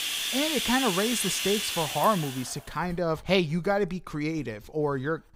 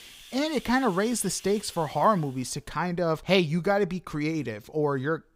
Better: second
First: household noises; loud; throughout; 1 dB below the speech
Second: household noises; faint; throughout; 20 dB below the speech

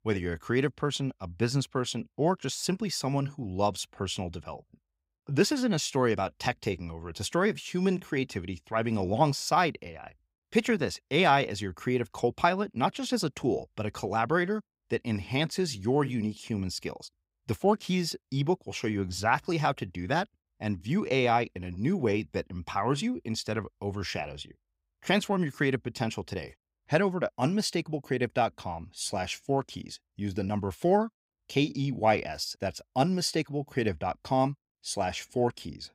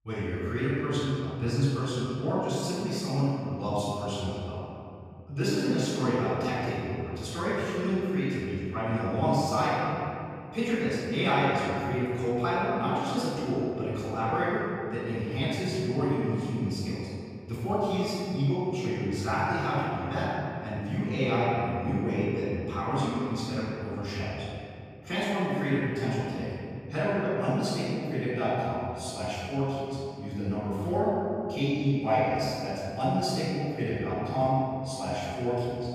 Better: first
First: none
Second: off-mic speech; far // room echo; strong; dies away in 2.5 s

